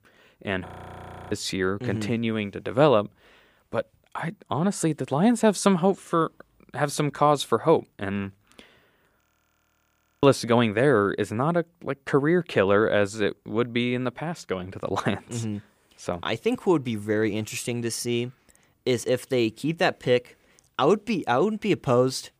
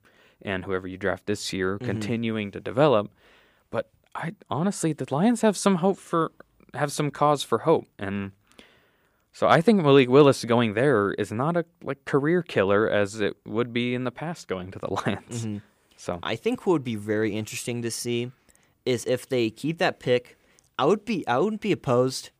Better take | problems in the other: second | audio freezing; at 0.5 s for 0.5 s and at 9 s for 1 s

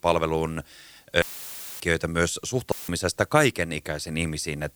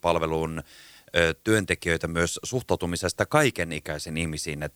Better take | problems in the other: second | audio cutting out; filled with static; at 1 s for 0.5 s and at 2.5 s

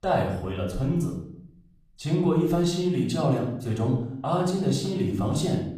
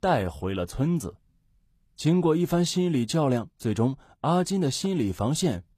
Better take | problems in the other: second | off-mic speech; far // room echo; noticeable; dies away in 0.6 s

